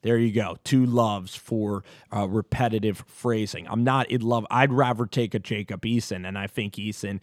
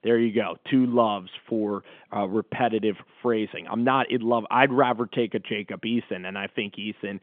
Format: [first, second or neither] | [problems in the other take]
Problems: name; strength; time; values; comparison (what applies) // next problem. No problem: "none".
first | phone-call audio; nothing above 3.5 kHz